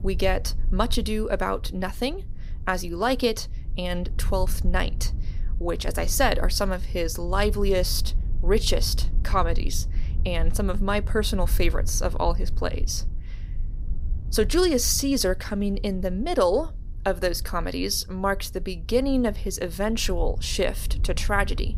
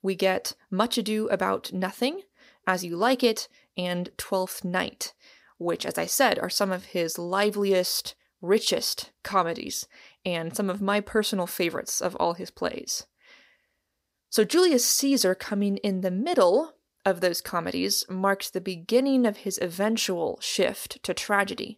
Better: second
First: low rumble; faint; throughout; 25 dB below the speech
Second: none

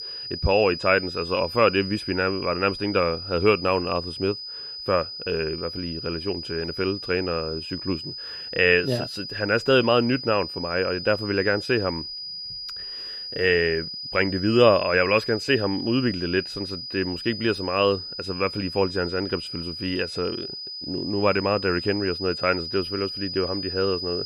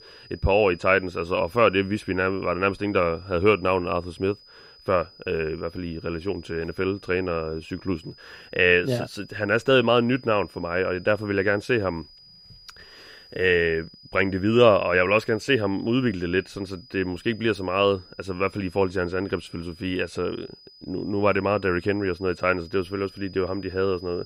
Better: second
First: high-pitched whine; loud; throughout; 5 kHz, 8 dB below the speech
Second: high-pitched whine; faint; throughout; 5 kHz, 25 dB below the speech

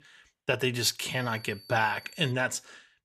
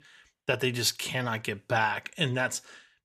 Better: second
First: high-pitched whine; faint; from 1 to 2.5 s; 4.5 kHz, 20 dB below the speech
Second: none

